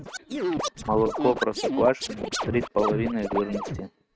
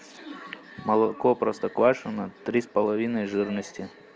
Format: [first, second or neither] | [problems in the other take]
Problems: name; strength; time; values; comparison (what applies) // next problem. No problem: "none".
second | noise reduction (neural mask model RNNoise)